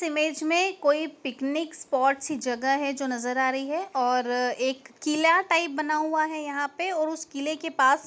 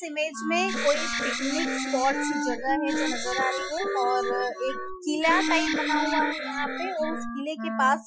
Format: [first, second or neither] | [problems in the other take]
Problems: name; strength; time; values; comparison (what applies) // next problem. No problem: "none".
first | noise reduction (classical method Wiener filter)